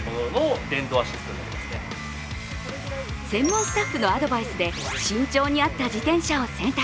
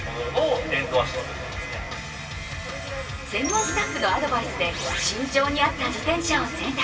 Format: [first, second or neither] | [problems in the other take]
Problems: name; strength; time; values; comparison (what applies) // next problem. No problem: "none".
first | room echo; dies away in 2.5 s